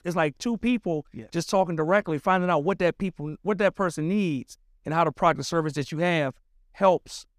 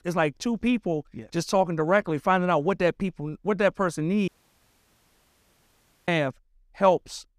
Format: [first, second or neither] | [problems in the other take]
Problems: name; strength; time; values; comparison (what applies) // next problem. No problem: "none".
first | audio cutting out; at 4.5 s for 2 s